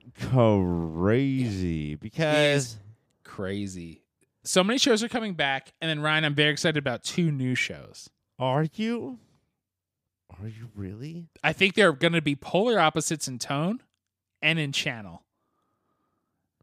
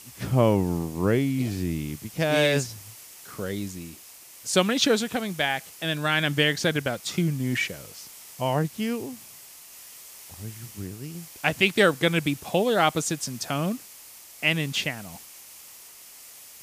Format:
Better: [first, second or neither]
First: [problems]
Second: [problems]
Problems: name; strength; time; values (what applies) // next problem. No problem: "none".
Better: first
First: none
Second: hiss; noticeable; throughout; 20 dB below the speech